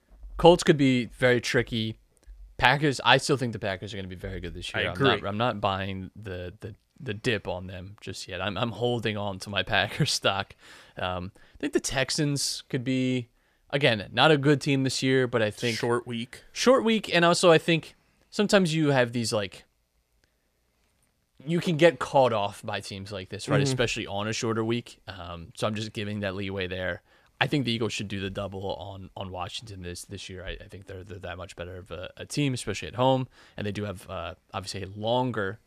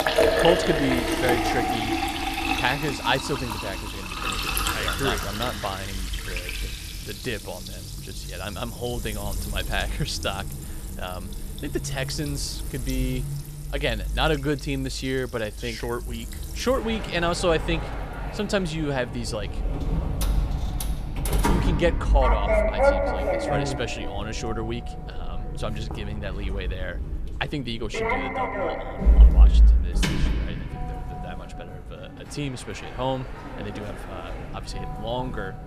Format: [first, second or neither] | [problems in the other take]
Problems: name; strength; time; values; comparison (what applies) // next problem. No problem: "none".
first | household noises; very loud; throughout; 2 dB above the speech